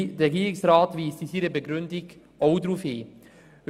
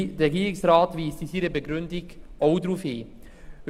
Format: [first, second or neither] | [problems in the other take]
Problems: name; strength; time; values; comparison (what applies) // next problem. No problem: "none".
first | background sound (Rain); 17 dB below the speech